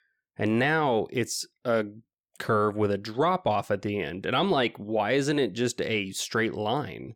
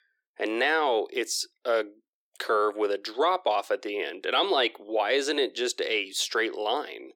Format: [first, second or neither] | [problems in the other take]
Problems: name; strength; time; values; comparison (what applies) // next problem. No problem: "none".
first | thin; very; fading below 350 Hz